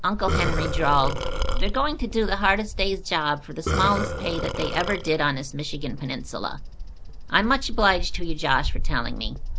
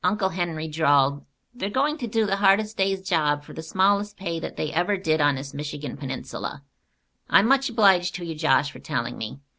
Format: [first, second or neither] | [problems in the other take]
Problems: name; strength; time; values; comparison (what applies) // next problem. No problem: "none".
second | background sound (Bird vocalization, bird call, bird song + Burping, eructation); 1 dB below the speech